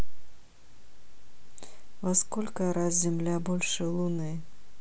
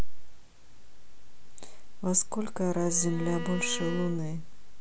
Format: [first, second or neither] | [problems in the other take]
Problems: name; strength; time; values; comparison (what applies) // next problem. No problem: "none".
first | background sound (Bowed string instrument); 14 dB below the speech